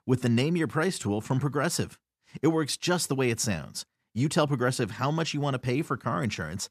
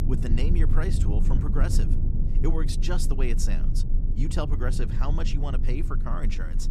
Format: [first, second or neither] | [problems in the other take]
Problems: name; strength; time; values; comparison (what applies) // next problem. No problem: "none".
first | low rumble; loud; throughout; 6 dB below the speech